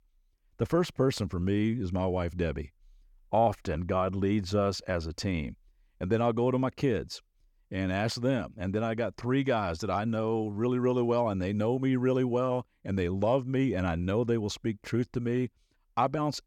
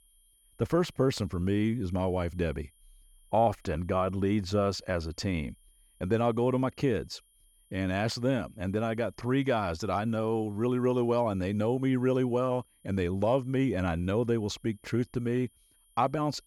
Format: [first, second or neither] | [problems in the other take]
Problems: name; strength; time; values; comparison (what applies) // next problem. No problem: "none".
first | high-pitched whine; faint; throughout; 9.5 kHz, 35 dB below the speech